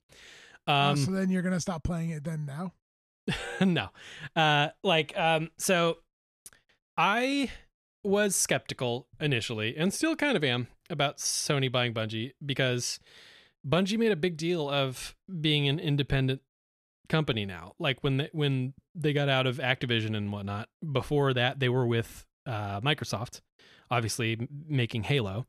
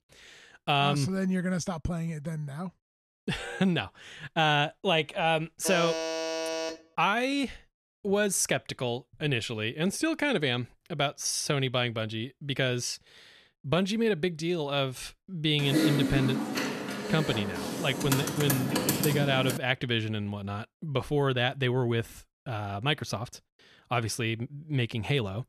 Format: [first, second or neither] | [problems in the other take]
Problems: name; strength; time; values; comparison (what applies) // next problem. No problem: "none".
first | alarm; noticeable; from 5.5 to 7 s; peak 2 dB below the speech // keyboard typing; loud; from 16 to 20 s; peak 3 dB above the speech